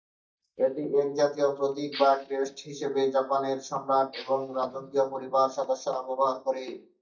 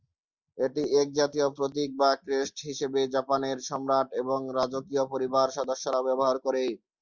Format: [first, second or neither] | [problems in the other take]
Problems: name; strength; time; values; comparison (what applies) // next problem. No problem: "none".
second | noise reduction (neural mask model DeepFilterNet 3)